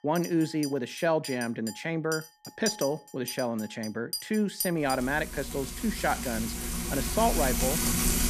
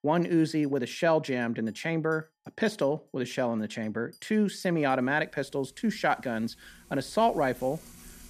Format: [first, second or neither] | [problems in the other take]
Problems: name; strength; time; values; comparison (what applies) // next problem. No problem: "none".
second | household noises; loud; throughout; 2 dB below the speech; faint in the second